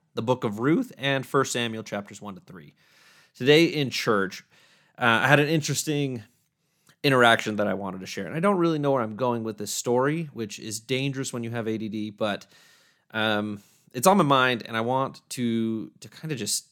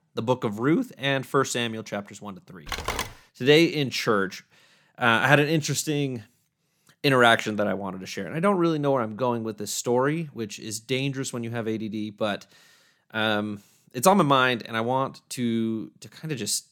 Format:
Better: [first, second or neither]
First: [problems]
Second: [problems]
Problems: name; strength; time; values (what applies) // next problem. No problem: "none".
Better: first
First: none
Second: phone ringing; noticeable; at 2.5 s; peak 5 dB below the speech